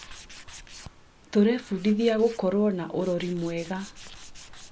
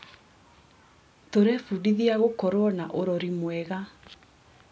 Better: second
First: background sound (Tools); 19 dB below the speech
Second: none

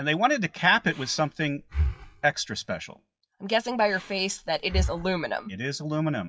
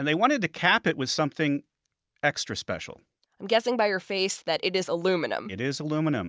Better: second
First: noise reduction (classical method WPE with log-MMSE)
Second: none

